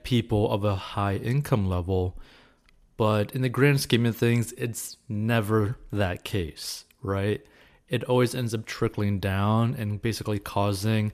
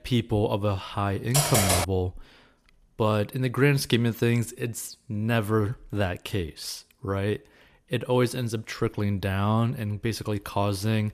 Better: first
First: none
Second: keyboard typing; loud; at 1.5 s; peak 5 dB above the speech

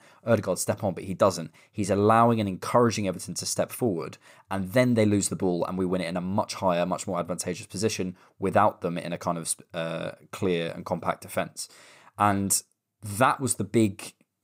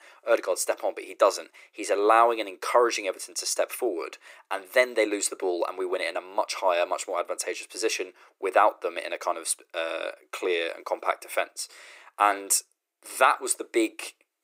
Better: first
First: none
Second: thin; very; fading below 350 Hz

